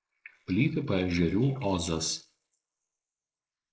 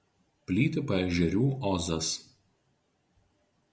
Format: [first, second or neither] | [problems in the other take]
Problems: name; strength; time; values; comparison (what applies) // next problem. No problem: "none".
second | noise reduction (neural mask model Resemble Enhance denoiser)